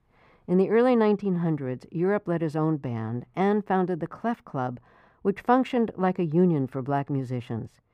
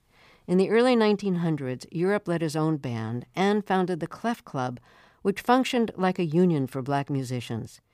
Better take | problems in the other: second | muffled; slightly; fading above 2.5 kHz

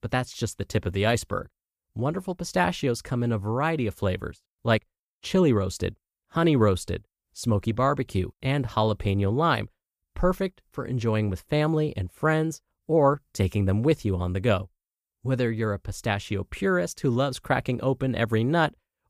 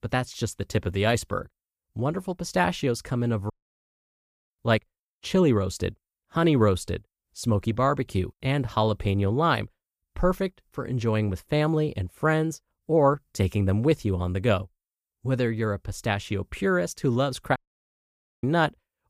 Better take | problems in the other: first | audio cutting out; at 3.5 s for 1 s and at 18 s for 1 s

